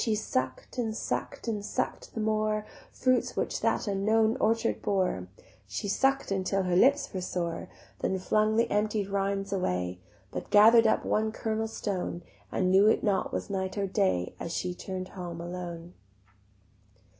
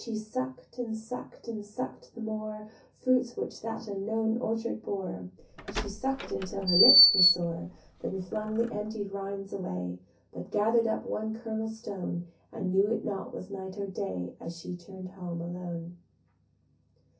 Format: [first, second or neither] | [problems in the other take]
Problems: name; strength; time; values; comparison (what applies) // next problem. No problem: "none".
first | background sound (Door); 5 dB above the speech // room echo; dies away in 0.3 s